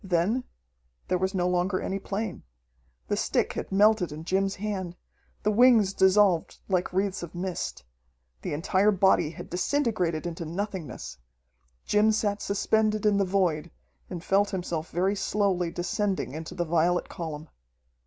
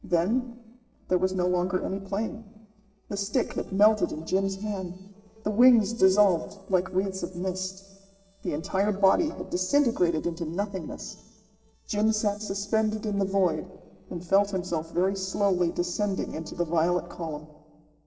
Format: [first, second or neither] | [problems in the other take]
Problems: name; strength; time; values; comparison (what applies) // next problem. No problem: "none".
first | noise reduction (neural separator model SepFormer DNS4)